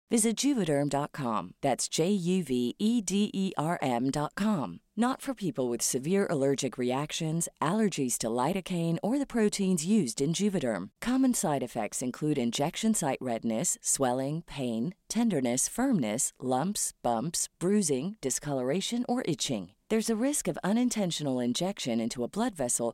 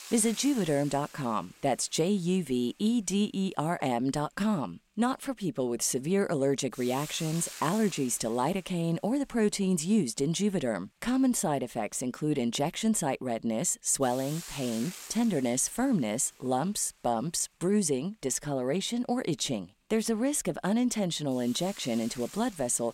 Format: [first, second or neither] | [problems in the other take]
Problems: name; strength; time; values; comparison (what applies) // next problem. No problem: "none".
first | hiss; noticeable; throughout; 15 dB below the speech